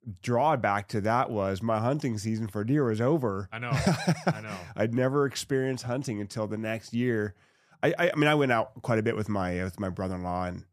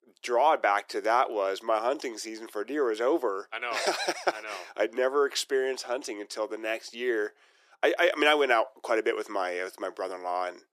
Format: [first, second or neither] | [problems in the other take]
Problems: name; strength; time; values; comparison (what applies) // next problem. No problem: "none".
first | thin; very; fading below 350 Hz